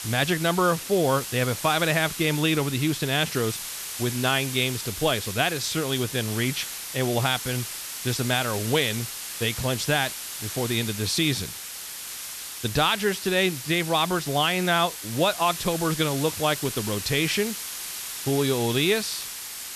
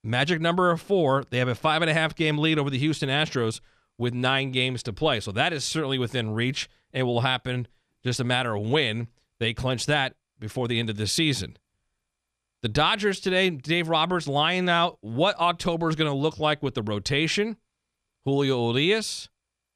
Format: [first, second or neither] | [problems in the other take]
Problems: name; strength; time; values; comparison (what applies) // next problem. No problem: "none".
second | hiss; loud; throughout; 7 dB below the speech